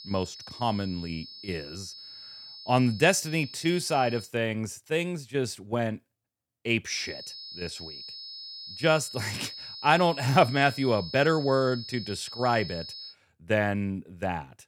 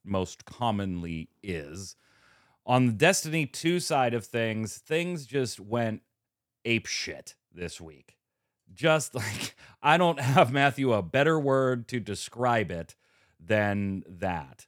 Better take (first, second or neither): second